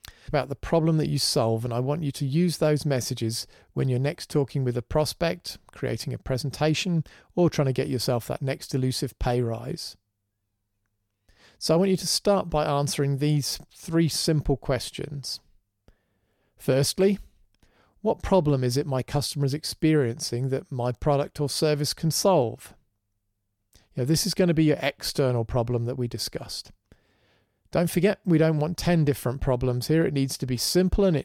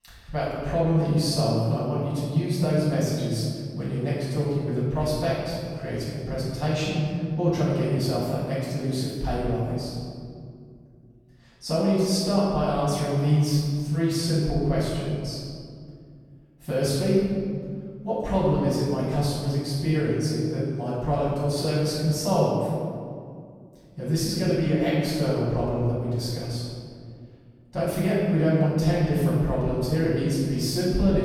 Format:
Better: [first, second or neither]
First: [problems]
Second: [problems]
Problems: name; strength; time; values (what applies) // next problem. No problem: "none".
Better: first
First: none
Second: room echo; strong; dies away in 2.2 s // off-mic speech; far